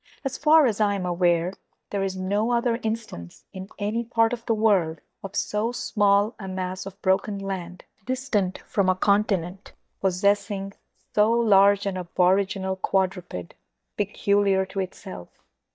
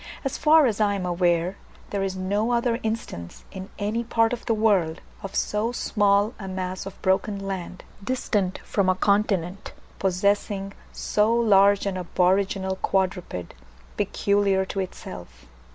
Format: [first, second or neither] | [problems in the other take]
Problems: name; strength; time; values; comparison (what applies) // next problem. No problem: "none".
second | noise reduction (neural mask model DeepFilterNet 3)